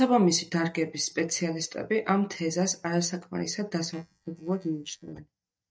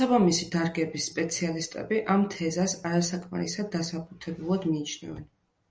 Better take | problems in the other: second | noise reduction (neural mask model DeepFilterNet 3)

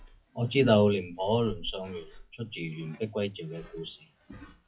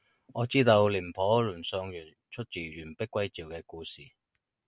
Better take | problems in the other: second | noise reduction (classical method WPE with log-MMSE)

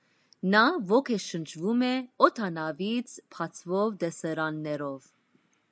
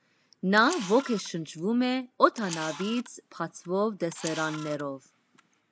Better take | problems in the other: first | background sound (Camera); 15 dB below the speech

